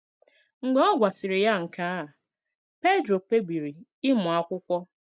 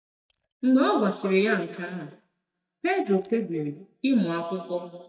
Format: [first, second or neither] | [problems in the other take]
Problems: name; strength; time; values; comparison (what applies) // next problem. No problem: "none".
first | noise reduction (neural mask model DeepFilterNet 3)